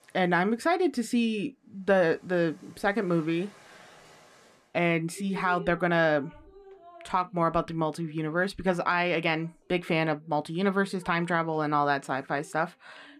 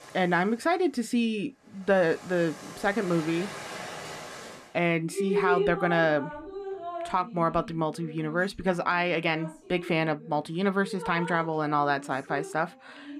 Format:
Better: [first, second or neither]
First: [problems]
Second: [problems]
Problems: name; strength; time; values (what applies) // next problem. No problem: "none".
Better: first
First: rain or running water; faint; throughout; 25 dB below the speech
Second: rain or running water; loud; throughout; 9 dB below the speech